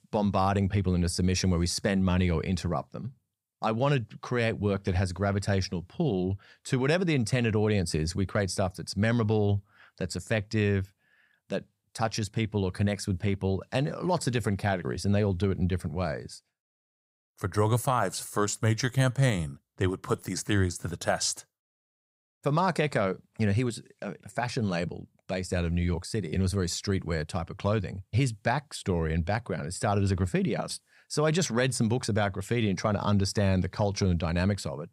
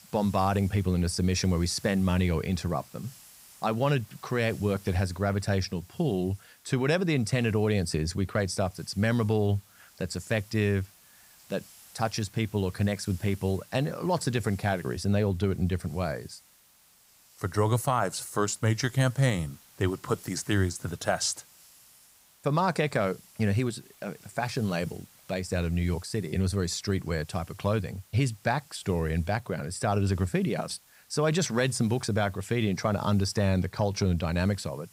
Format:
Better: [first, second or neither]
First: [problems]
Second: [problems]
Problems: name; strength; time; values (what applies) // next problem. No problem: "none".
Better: first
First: none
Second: hiss; faint; throughout; 25 dB below the speech